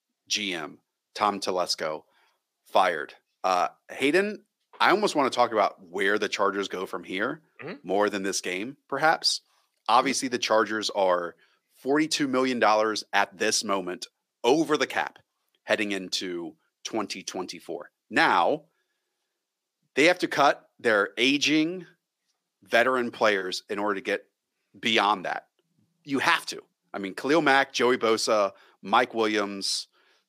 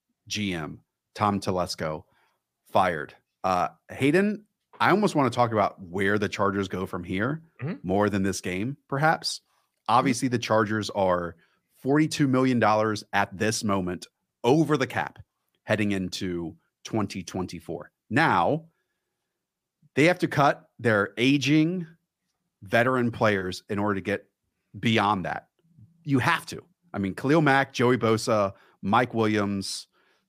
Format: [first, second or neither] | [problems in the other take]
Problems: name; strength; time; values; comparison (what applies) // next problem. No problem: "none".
second | thin; very slightly; fading below 350 Hz